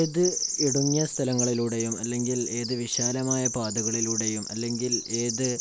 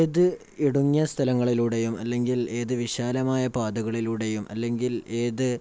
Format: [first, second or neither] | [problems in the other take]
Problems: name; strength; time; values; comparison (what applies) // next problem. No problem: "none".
second | background sound (Bird vocalization, bird call, bird song); 4 dB below the speech